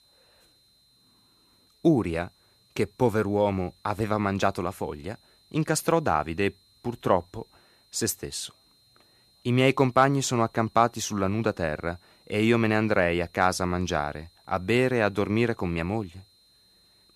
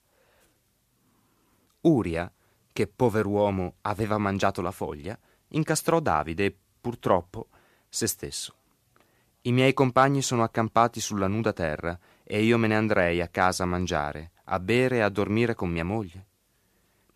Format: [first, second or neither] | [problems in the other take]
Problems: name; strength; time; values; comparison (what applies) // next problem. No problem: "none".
second | high-pitched whine; faint; throughout; 4 kHz, 35 dB below the speech